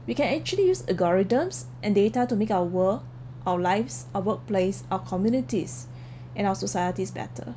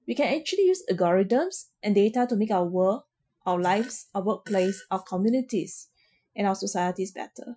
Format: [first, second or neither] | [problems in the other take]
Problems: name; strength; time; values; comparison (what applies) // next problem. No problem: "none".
first | noise reduction (classical method Wiener filter)